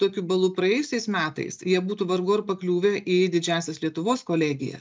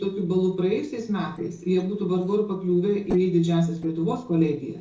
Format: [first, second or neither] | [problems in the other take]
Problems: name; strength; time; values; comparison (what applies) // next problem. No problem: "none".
first | noise reduction (neural separator model SepFormer DNS4)